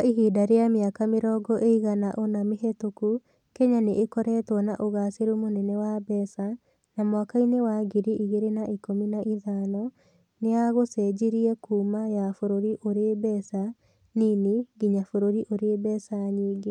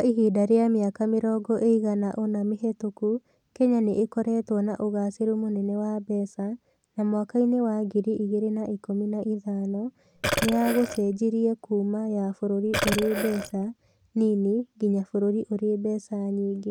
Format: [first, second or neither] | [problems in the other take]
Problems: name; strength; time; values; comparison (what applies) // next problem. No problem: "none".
first | background sound (Burping, eructation); 4 dB below the speech